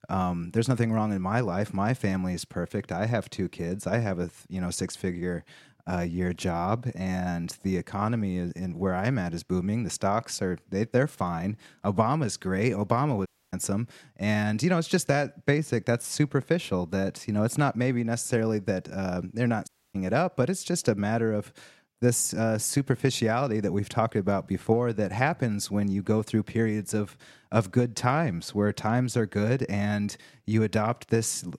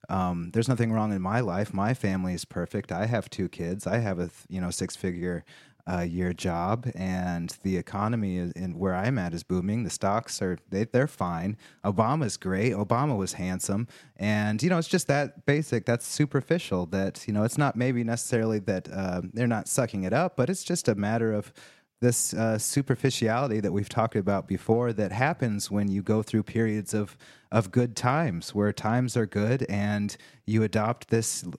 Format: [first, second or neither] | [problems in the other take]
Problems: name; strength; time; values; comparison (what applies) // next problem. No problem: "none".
second | audio cutting out; at 13 s and at 20 s